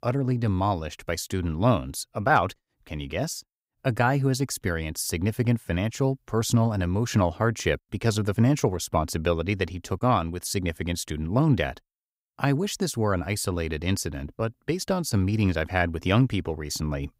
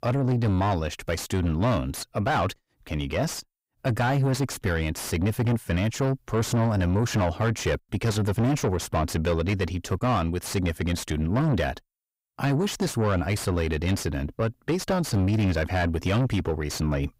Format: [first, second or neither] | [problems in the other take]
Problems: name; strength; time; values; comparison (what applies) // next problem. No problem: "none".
first | distortion; heavy; 7 dB below the speech